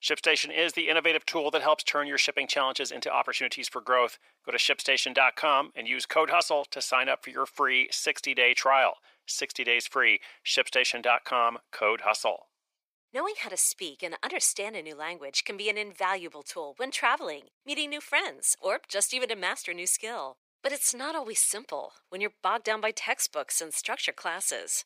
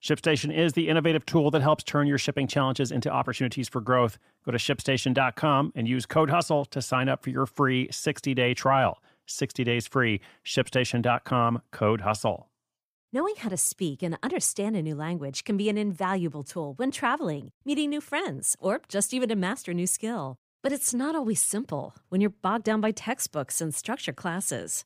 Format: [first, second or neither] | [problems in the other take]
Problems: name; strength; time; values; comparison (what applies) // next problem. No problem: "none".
second | thin; very; fading below 500 Hz